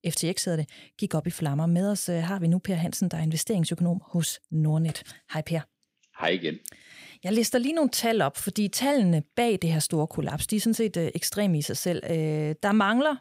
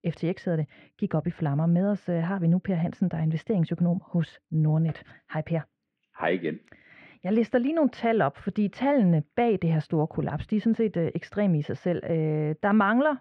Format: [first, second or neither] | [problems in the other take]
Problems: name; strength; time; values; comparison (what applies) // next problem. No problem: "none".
first | muffled; very; fading above 2 kHz